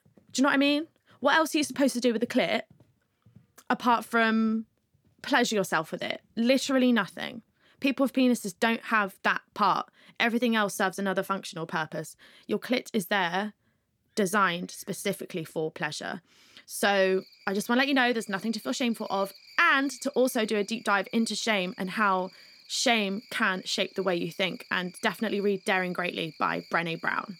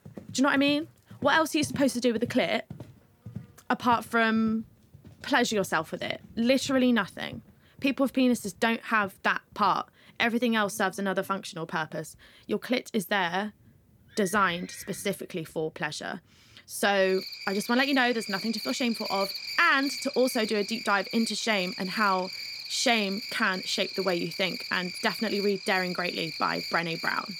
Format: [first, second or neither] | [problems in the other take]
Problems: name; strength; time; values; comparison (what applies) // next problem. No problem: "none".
first | animal sounds; loud; throughout; 9 dB below the speech; faint in the first